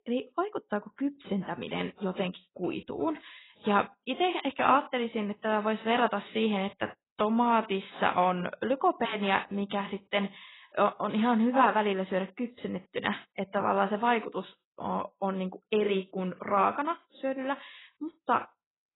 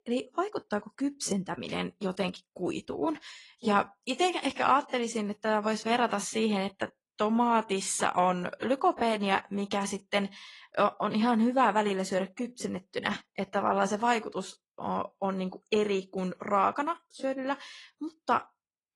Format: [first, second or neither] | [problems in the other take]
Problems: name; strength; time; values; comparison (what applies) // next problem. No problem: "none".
second | garbled, watery; badly; nothing above 3.5 kHz; slightly in the second